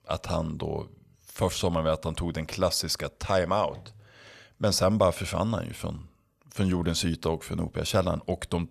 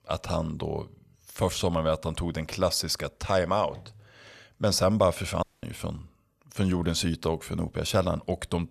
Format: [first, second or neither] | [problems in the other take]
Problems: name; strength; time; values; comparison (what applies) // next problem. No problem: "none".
first | audio cutting out; at 5.5 s